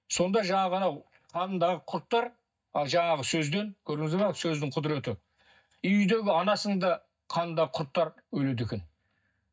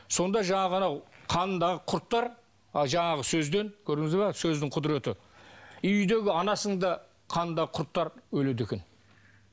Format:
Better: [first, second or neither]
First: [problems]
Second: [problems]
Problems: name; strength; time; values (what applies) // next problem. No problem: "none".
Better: second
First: noise reduction (neural mask model DeepFilterNet 3)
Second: none